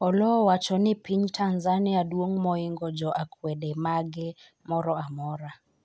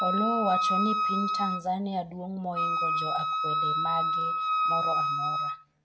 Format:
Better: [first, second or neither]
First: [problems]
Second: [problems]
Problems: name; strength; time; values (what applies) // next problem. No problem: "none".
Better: first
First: none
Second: background sound (Wind instrument, woodwind instrument); 4 dB above the speech // room echo; dies away in 0.3 s